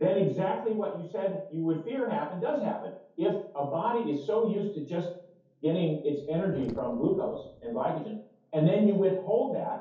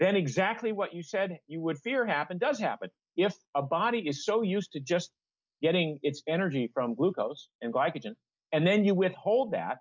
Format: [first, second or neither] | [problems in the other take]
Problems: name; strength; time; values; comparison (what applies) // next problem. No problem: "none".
second | background sound (Sink (filling or washing)); 20 dB below the speech // room echo; dies away in 0.6 s